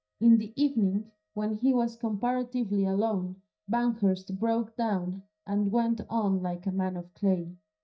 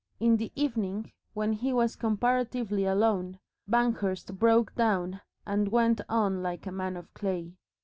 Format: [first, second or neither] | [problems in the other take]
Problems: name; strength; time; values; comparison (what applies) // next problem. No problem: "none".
second | noise reduction (neural mask model DeepFilterNet 3)